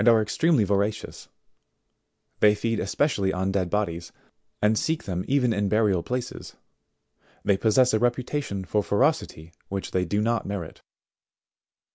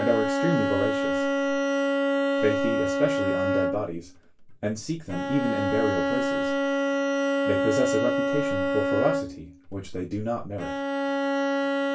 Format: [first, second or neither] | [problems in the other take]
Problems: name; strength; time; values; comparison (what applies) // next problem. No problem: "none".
first | background sound (Bowed string instrument); 4 dB above the speech // room echo; dies away in 0.2 s